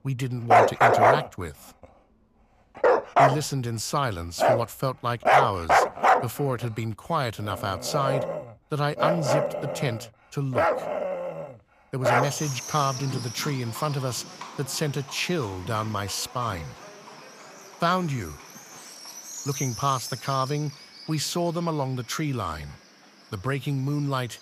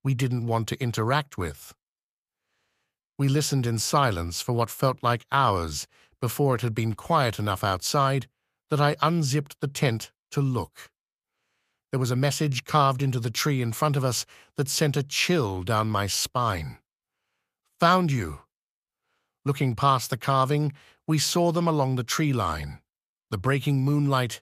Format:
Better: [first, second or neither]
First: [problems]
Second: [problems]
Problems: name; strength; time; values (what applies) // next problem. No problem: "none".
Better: second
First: animal sounds; very loud; throughout; 4 dB above the speech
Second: none